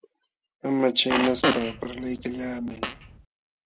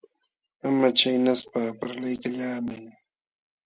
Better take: second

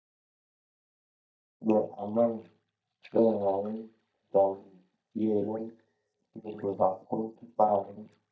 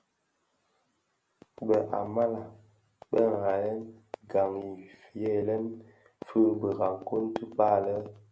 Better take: second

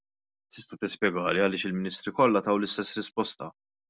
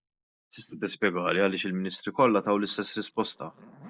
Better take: first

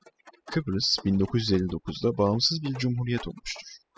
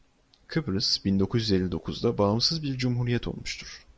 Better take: second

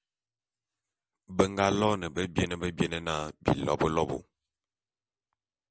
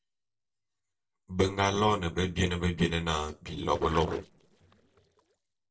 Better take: first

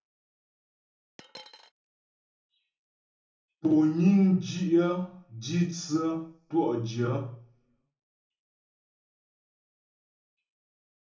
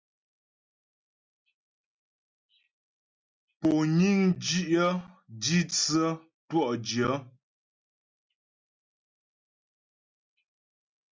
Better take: second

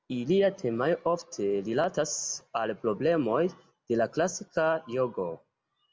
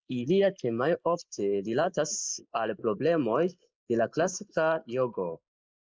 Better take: first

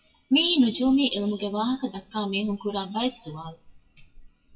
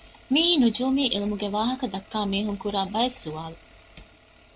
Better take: second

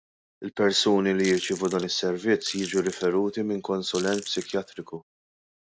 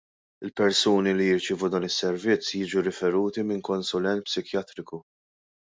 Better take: second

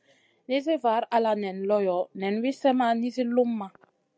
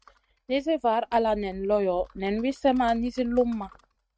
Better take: first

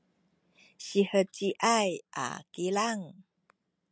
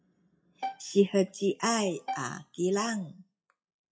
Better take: first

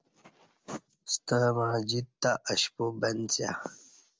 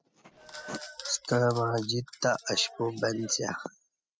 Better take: first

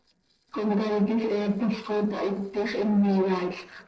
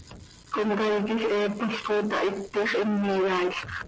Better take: second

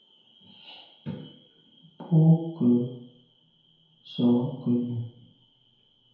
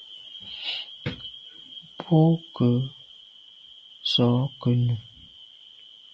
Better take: second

